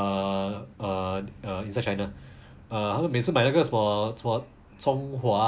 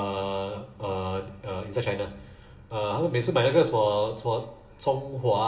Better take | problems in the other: first | room echo; dies away in 1.3 s

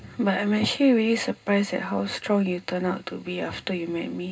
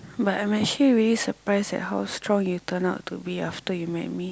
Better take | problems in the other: second | room echo; dies away in 0.2 s

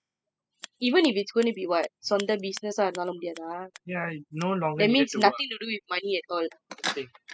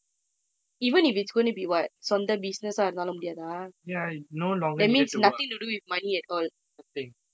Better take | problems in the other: second | noise reduction (classical method spectral subtraction)

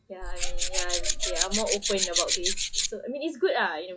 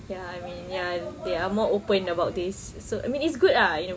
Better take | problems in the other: second | noise reduction (classical method log-MMSE)

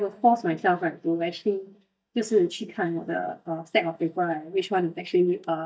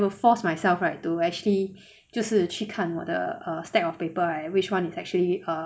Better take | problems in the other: second | noise reduction (neural mask model DeepFilterNet 3)

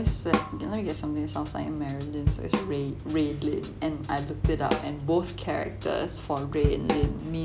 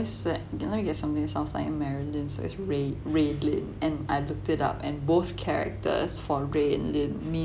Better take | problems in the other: second | background sound (Drum / Drum kit); 2 dB below the speech

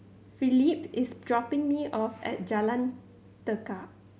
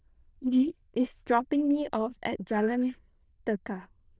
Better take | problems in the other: first | noise reduction (neural diffusion model UNIVERSE++)

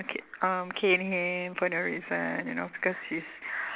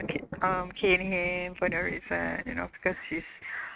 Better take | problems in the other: first | noise reduction (neural mask model RNNoise)

